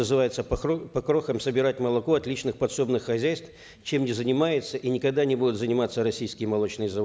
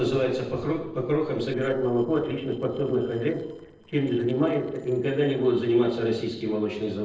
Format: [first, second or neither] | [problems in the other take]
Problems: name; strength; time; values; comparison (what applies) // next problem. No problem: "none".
first | noise reduction (neural separator model SepFormer DNS4)